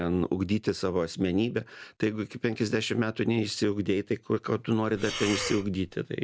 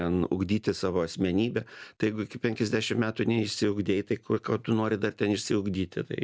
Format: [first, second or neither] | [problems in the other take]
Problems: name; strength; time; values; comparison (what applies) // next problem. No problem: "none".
second | background sound (Breathing); 8 dB below the speech